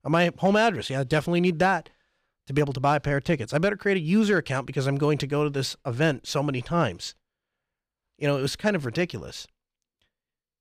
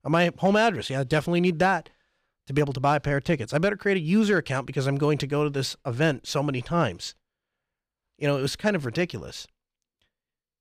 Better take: neither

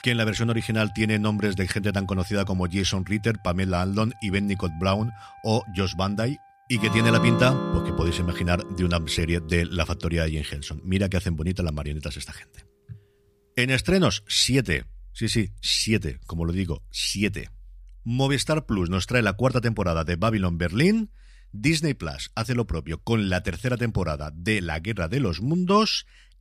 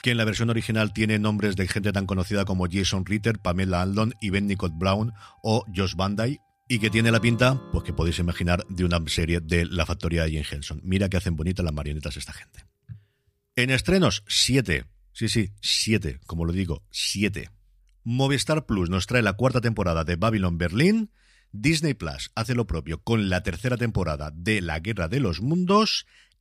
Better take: second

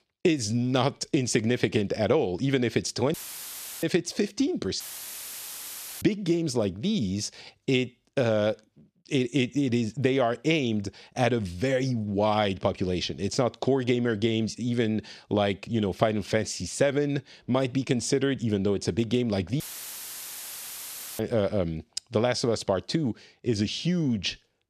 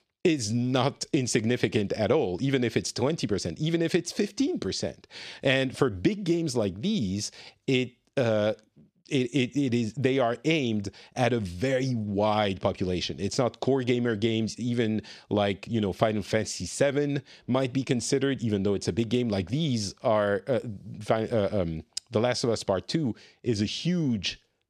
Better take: second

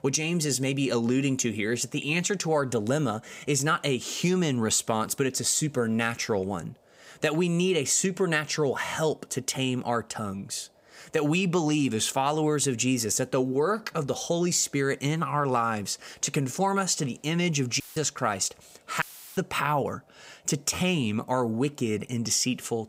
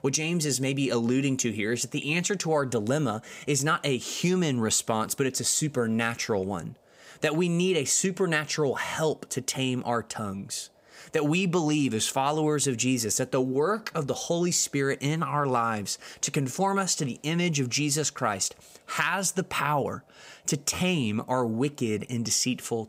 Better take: second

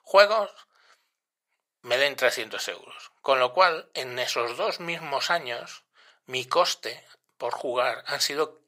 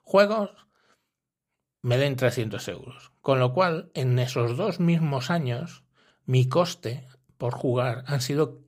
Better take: second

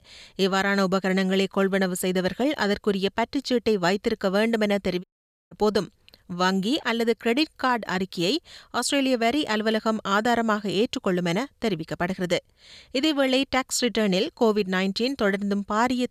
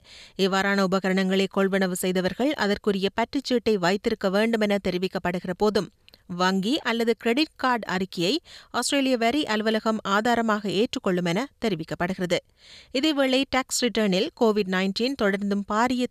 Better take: second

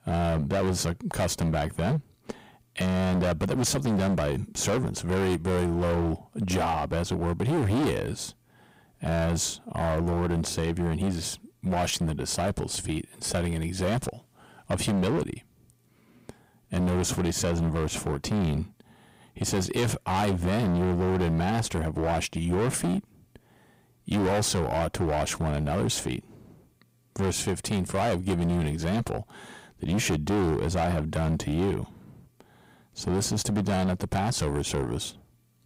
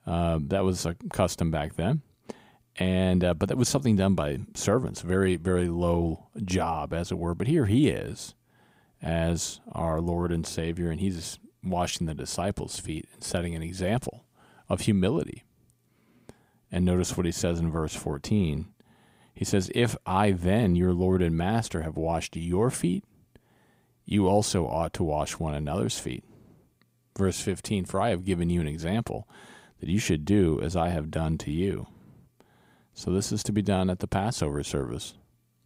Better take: second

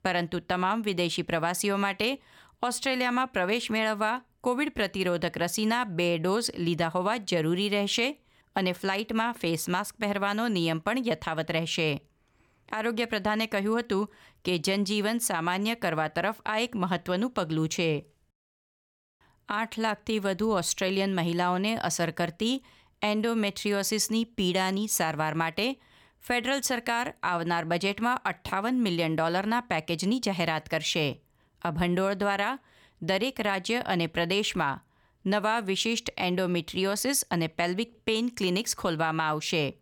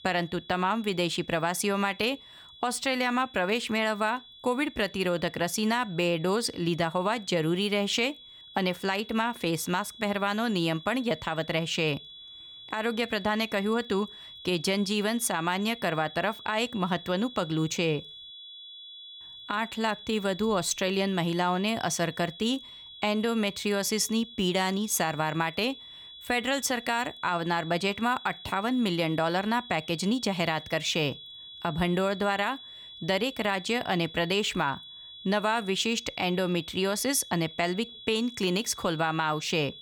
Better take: first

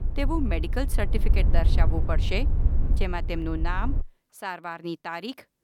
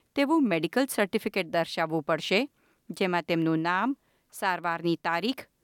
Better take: second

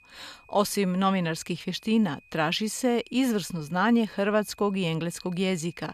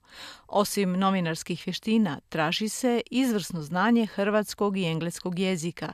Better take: second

